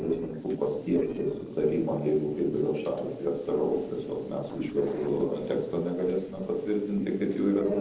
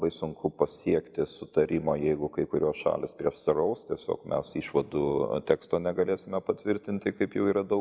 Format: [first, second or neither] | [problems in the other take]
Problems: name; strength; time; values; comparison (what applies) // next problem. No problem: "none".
second | noise reduction (neural separator model SepFormer DNS4)